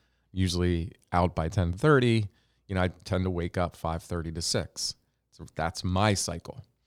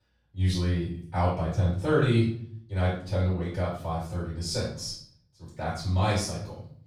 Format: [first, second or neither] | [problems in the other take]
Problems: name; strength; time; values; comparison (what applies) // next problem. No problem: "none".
first | off-mic speech; far // room echo; noticeable; dies away in 0.5 s